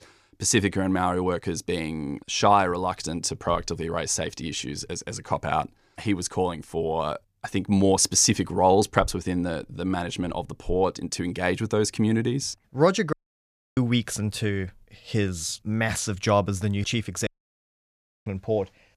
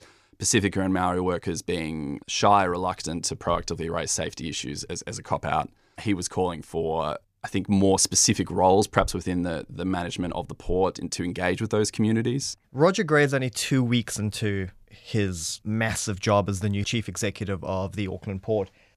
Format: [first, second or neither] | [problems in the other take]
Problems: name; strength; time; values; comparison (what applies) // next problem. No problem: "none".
second | audio cutting out; at 13 s for 0.5 s and at 17 s for 1 s